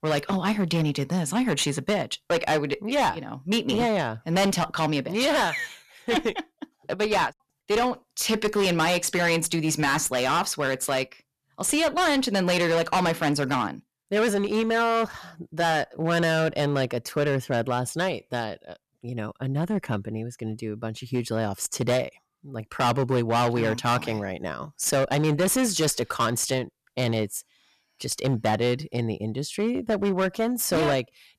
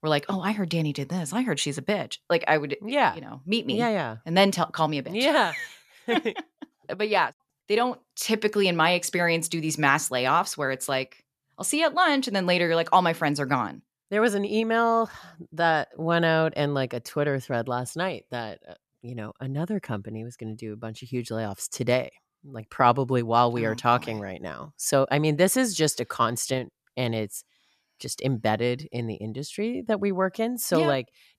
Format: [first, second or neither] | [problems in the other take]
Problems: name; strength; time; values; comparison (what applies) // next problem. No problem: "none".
second | distortion; heavy; 13% of the sound clipped